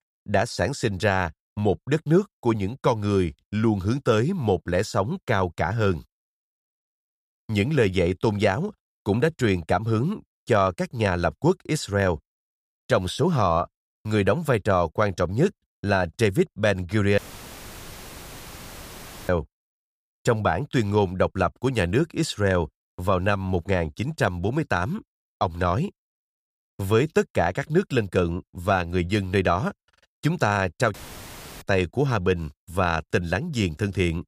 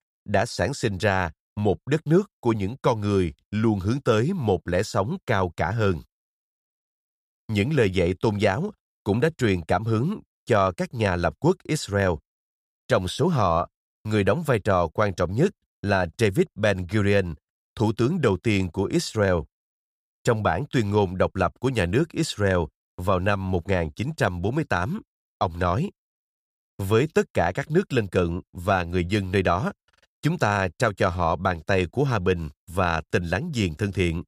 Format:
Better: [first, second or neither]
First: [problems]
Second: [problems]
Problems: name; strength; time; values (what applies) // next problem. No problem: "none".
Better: second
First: audio cutting out; filled with static; at 17 s for 2 s and at 31 s for 0.5 s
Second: none